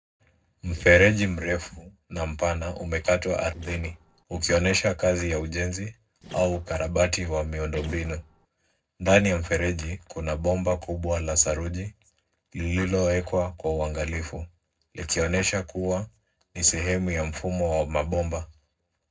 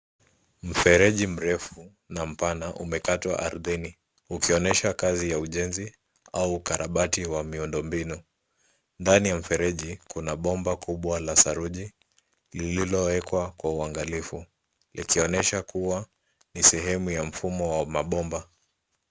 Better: second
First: noise reduction (neural separator model SepFormer DNS4)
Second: none

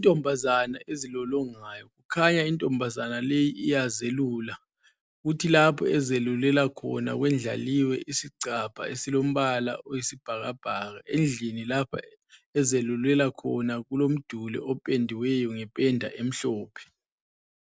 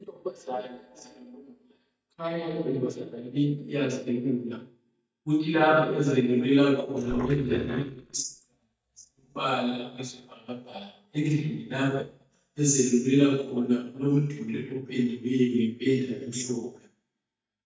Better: first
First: none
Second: noise reduction (neural mask model DeepFilterNet 3)

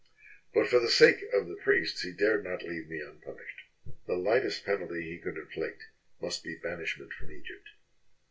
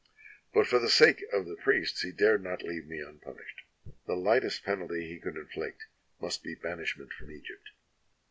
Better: second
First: room echo; dies away in 0.2 s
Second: none

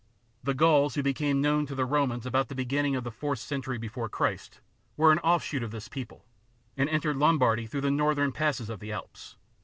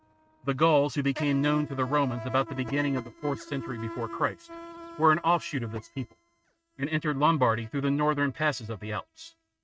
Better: first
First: none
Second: noise reduction (neural mask model RNNoise)

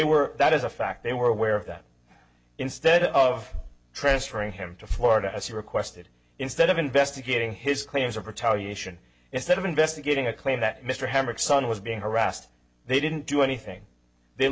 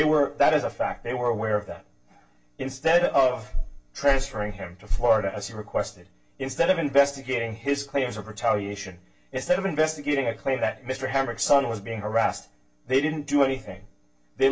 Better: first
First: none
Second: room echo; dies away in 0.2 s

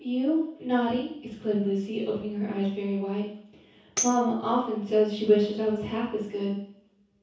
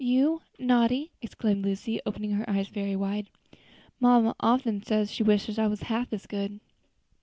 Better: second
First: background sound (Tambourine); 9 dB below the speech // room echo; dies away in 0.6 s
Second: none

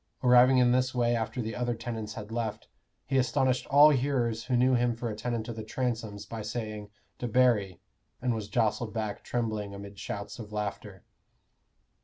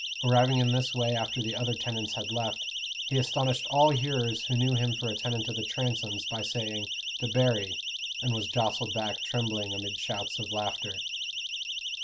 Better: first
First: none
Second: background sound (Siren); 4 dB below the speech

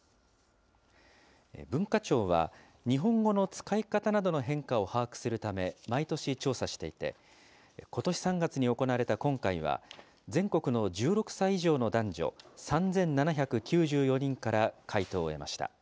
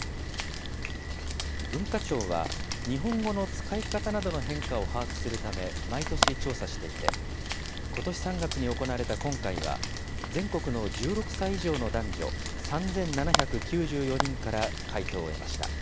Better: first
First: none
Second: background sound (Rain); 1 dB above the speech

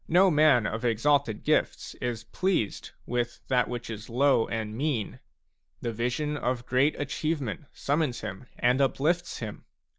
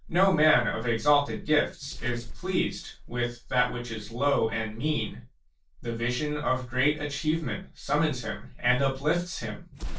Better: first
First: none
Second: noise reduction (neural separator model SepFormer DNS4)

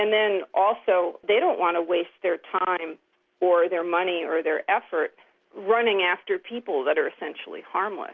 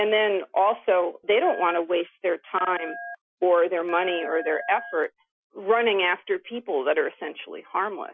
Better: first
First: none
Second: noise reduction (classical method Wiener filter)

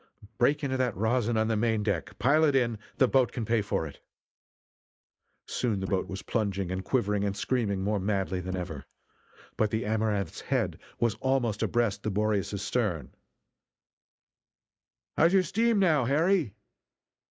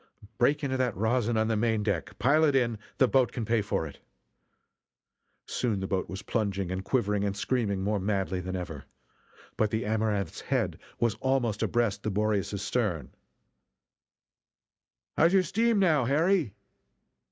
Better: second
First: noise reduction (neural mask model Resemble Enhance denoiser)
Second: none

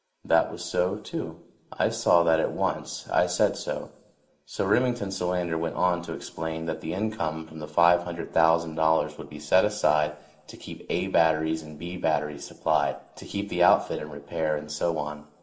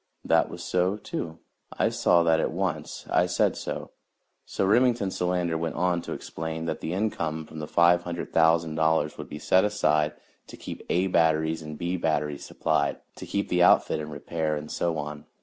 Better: second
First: room echo; dies away in 0.7 s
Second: none

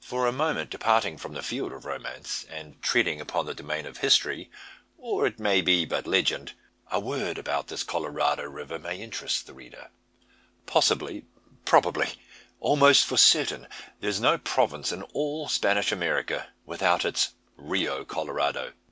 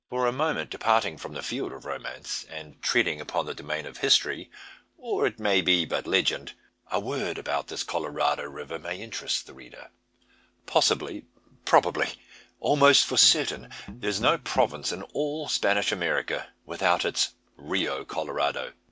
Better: first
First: none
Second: noise reduction (neural mask model DeepFilterNet 3)

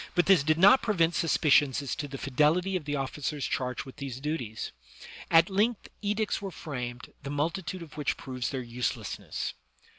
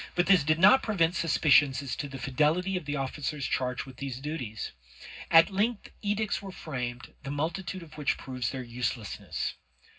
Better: first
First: none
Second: room echo; dies away in 0.4 s

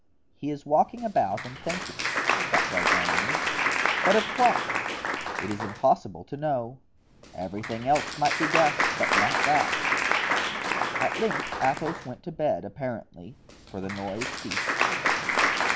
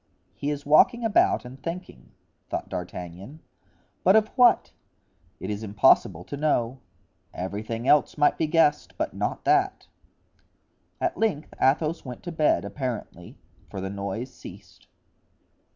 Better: second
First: background sound (Applause); 1 dB above the speech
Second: none

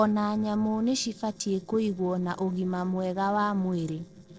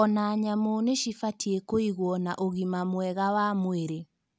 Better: second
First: noise reduction (neural separator model SepFormer DNS4)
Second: none

